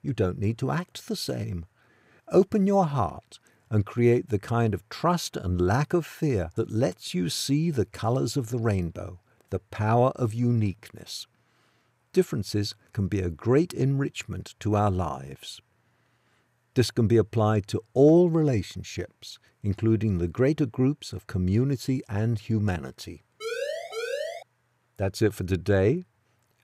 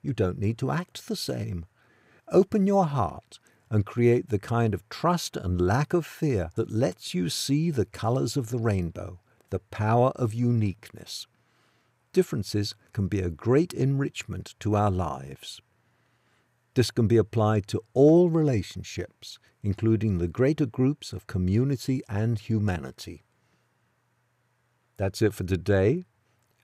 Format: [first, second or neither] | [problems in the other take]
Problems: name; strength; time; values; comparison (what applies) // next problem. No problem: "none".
second | siren; noticeable; from 23 to 24 s; peak 5 dB below the speech